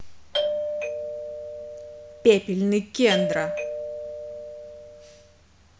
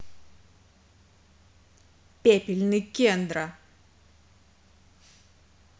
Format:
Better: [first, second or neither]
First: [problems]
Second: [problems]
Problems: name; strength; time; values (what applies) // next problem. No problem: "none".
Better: second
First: background sound (Doorbell); 3 dB below the speech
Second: none